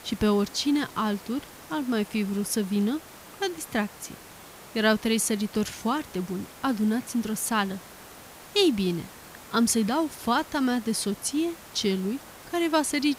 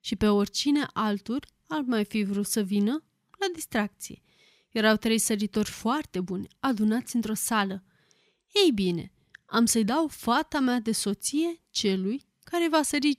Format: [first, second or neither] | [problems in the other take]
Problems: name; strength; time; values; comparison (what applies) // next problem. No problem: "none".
second | hiss; noticeable; throughout; 20 dB below the speech